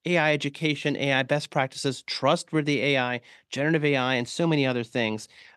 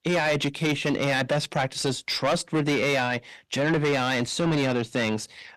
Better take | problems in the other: first | distortion; heavy; 6 dB below the speech

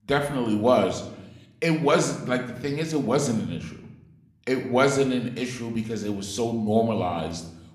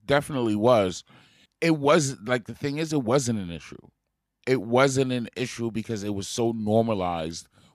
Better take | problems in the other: second | room echo; slight; dies away in 0.7 s

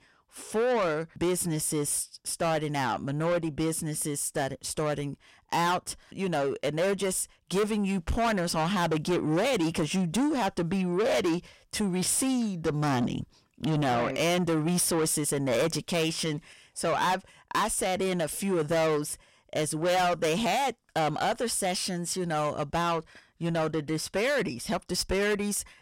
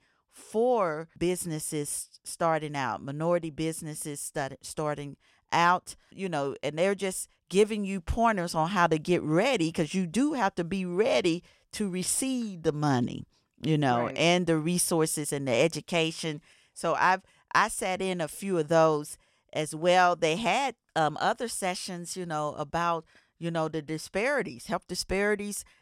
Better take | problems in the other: second | distortion; heavy; 6 dB below the speech

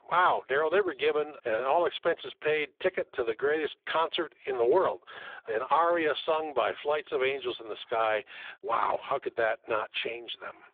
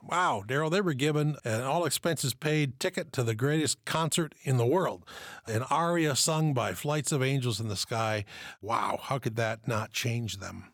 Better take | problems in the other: second | phone-call audio; poor line; nothing above 3.5 kHz

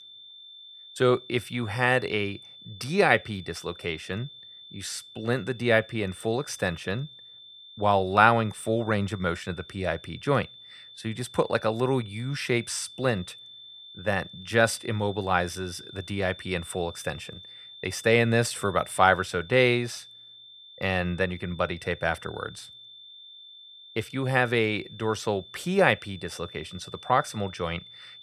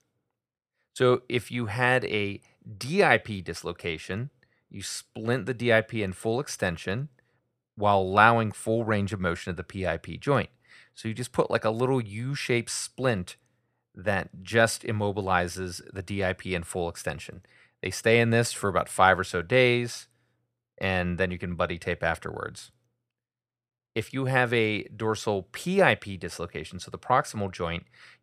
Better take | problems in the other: second | high-pitched whine; noticeable; throughout; 3.5 kHz, 20 dB below the speech

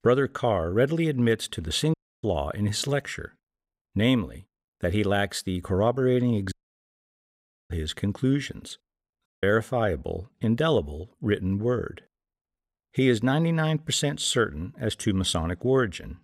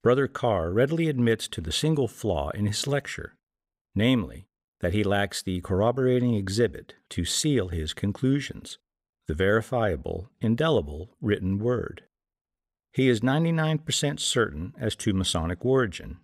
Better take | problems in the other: second | audio cutting out; at 2 s, at 6.5 s for 1 s and at 9.5 s

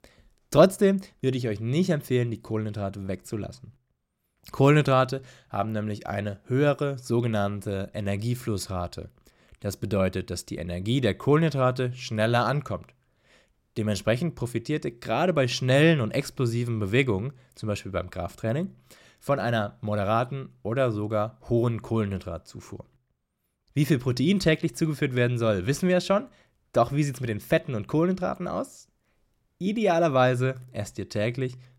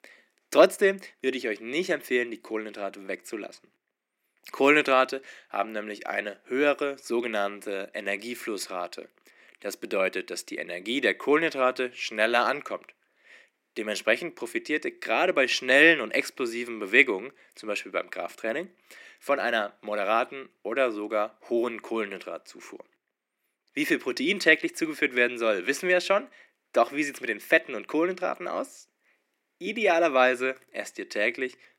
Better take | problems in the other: first | thin; somewhat; fading below 250 Hz

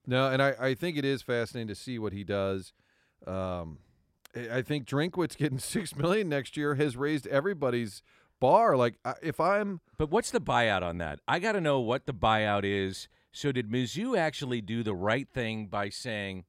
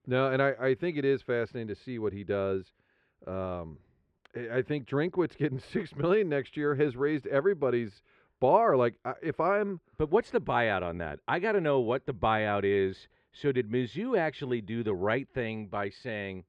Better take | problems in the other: first | muffled; slightly; fading above 2.5 kHz

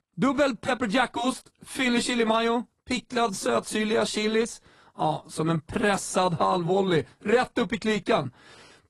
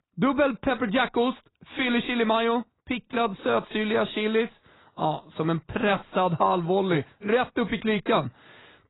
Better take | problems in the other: first | garbled, watery; badly; nothing above 4 kHz; slightly in the first

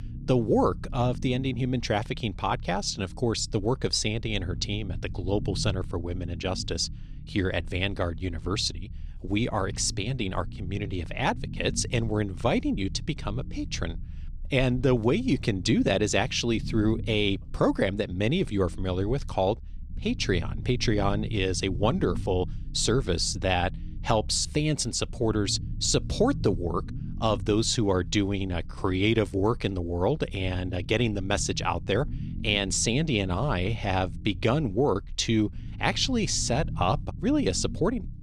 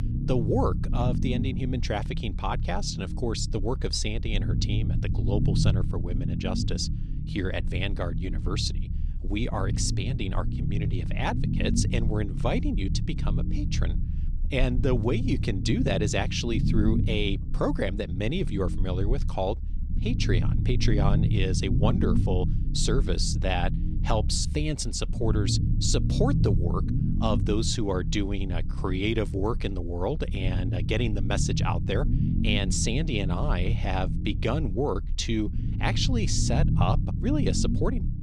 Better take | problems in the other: first | low rumble; loud; throughout; 9 dB below the speech; faint in the first

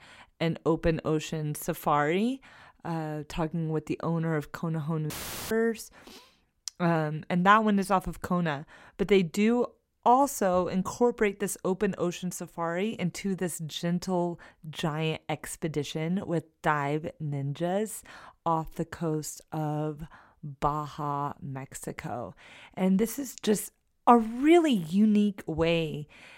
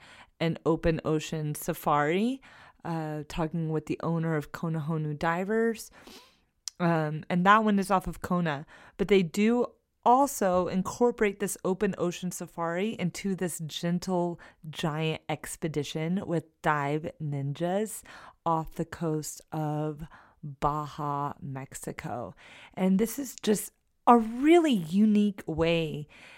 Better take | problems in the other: second | audio cutting out; filled with static; at 5 s

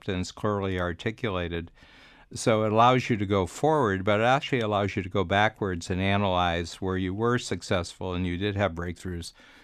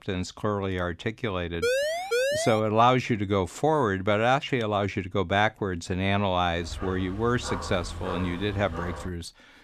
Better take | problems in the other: first | siren; loud; at 1.5 s; peak 1 dB above the speech // dog barking; noticeable; from 6.5 to 9 s; peak 8 dB below the speech

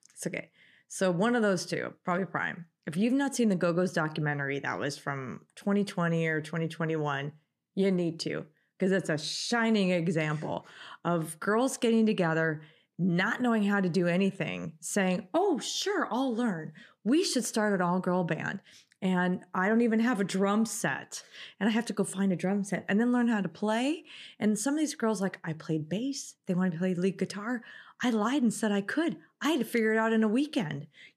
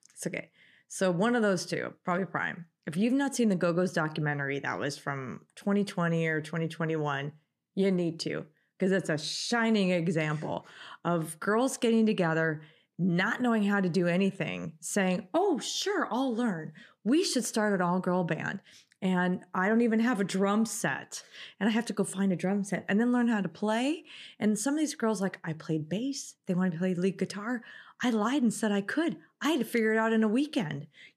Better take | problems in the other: neither | none

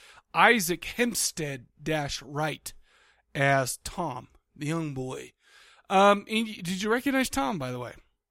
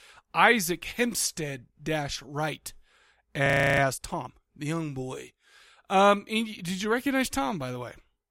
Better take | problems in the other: first | audio freezing; at 3.5 s

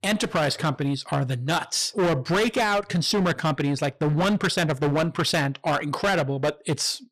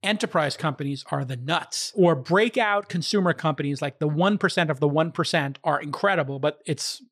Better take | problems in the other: second | distortion; heavy; 18% of the sound clipped

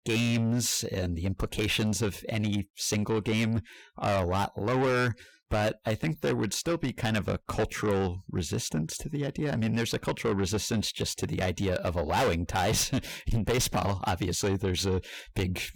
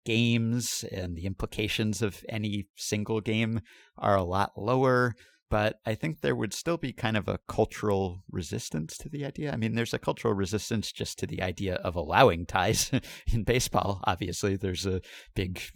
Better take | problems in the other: second | distortion; heavy; 6 dB below the speech

